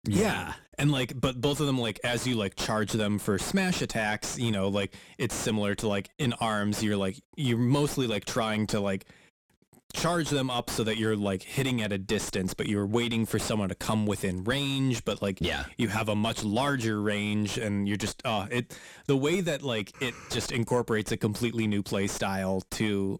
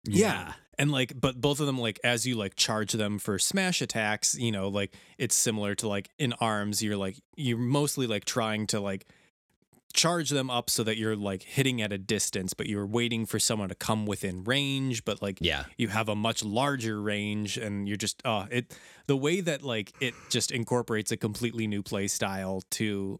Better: second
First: distortion; heavy; 6 dB below the speech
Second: none

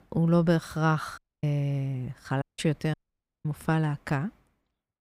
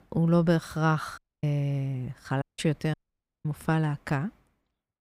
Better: neither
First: audio cutting out; at 1 s, at 2.5 s and at 3 s for 0.5 s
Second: audio cutting out; at 1 s, at 2.5 s and at 3 s for 0.5 s

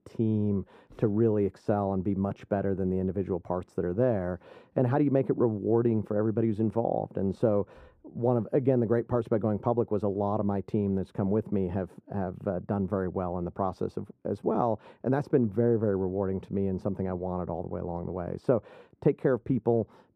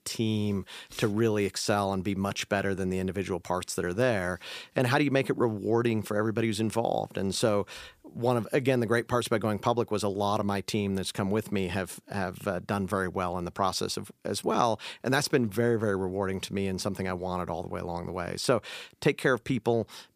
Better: second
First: muffled; very; fading above 1.5 kHz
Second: none

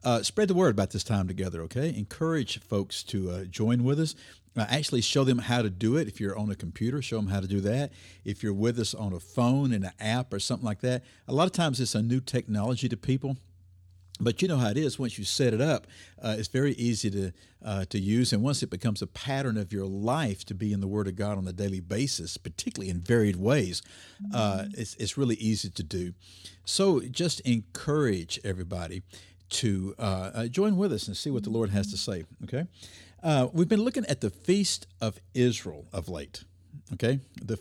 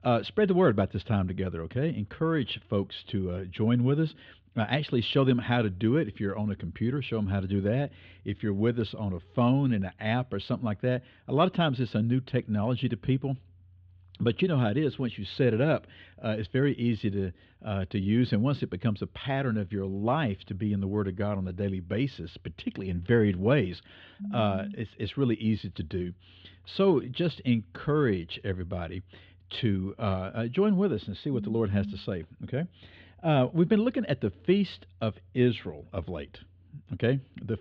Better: first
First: none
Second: muffled; very; fading above 3 kHz

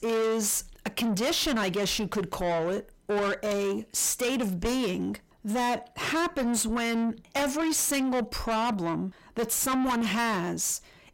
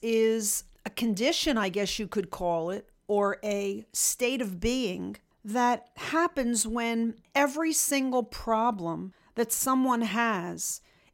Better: second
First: distortion; heavy; 7 dB below the speech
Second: none

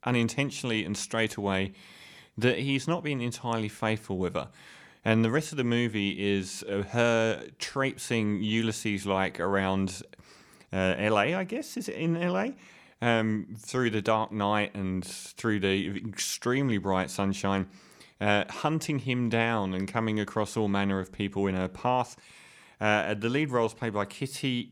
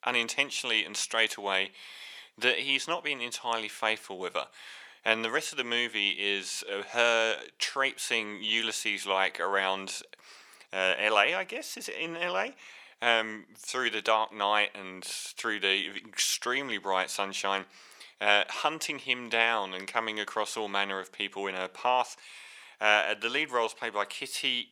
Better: first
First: none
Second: thin; very; fading below 600 Hz

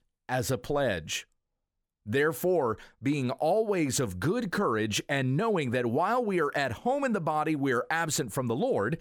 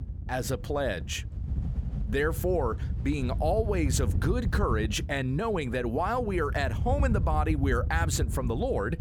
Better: first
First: none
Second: wind noise on the microphone; occasional gusts; 15 dB below the speech

